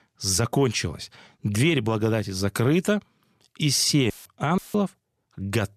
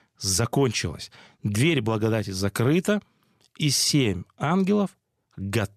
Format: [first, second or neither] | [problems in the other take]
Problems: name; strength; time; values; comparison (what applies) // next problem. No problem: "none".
second | audio cutting out; filled with static; at 4 s and at 4.5 s